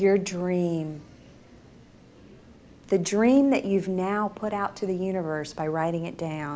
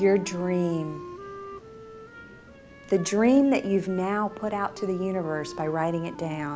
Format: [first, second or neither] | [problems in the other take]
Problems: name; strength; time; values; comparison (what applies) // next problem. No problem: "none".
first | background sound (Wind instrument, woodwind instrument); 16 dB below the speech